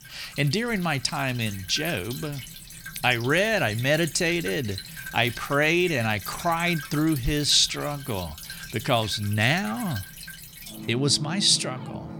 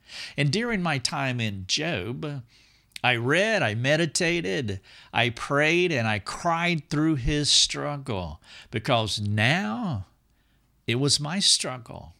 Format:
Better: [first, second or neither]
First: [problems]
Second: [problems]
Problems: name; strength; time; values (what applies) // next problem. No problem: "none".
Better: second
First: rain or running water; noticeable; throughout; 15 dB below the speech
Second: none